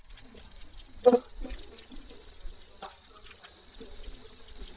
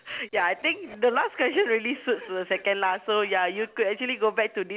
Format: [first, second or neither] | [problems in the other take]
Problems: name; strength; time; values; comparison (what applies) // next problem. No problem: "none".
second | noise reduction (neural mask model DeepFilterNet 3)